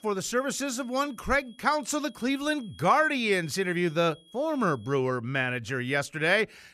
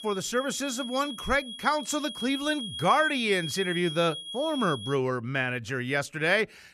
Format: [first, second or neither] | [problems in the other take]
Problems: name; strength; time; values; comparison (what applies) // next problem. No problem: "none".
first | high-pitched whine; loud; until 5 s; 3.5 kHz, 9 dB below the speech; faint in the first